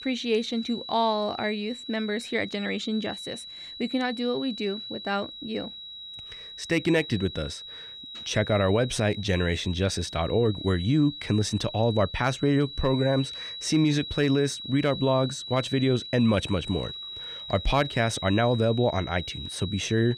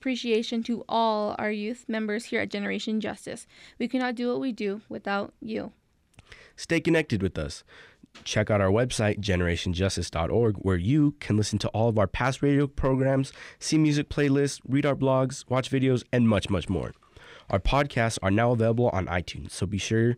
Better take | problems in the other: second | high-pitched whine; noticeable; throughout; 4 kHz, 10 dB below the speech

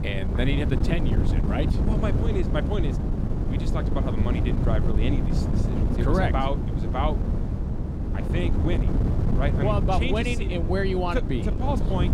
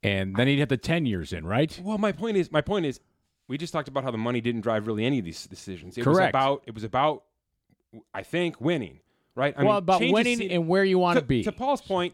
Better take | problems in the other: second | wind noise on the microphone; heavy; 5 dB below the speech

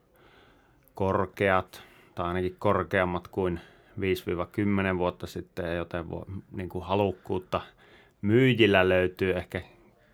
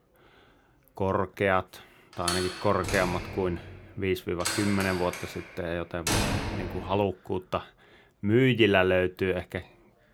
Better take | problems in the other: first | door banging; loud; from 2.5 to 7 s; peak 2 dB above the speech

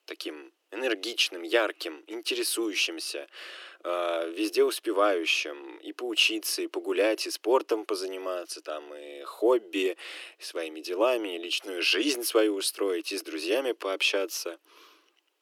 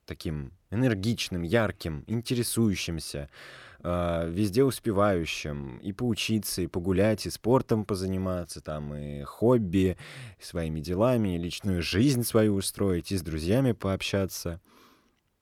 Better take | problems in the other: second | thin; very; fading below 300 Hz

